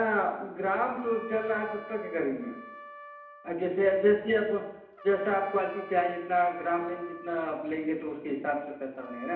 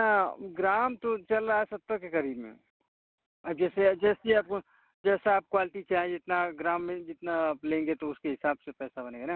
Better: second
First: background sound (Trumpet); 18 dB below the speech // room echo; dies away in 0.8 s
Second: none

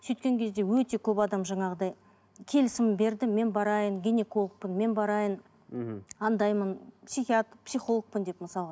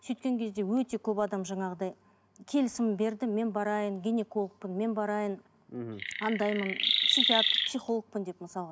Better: first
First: none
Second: background sound (Chirp, tweet); 3 dB above the speech

